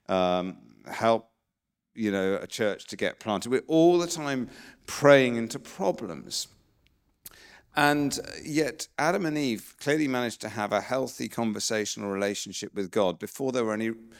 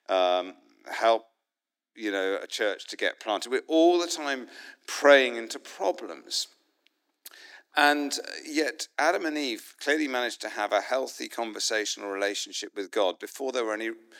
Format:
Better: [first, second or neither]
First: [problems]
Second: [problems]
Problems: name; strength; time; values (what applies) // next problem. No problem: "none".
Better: first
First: none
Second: thin; somewhat; fading below 300 Hz